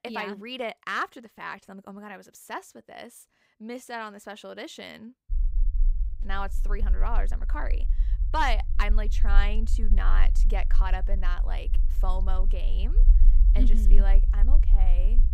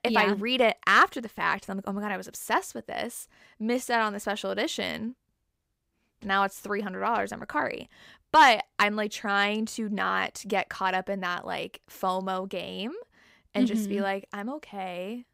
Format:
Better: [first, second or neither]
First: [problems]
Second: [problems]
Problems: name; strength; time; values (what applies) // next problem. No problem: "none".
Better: second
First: low rumble; noticeable; from 5.5 s on; 15 dB below the speech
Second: none